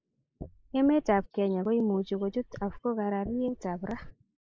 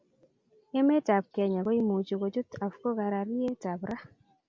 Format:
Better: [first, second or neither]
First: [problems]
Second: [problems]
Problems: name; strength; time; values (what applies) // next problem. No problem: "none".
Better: second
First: noise reduction (neural mask model Resemble Enhance denoiser)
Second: none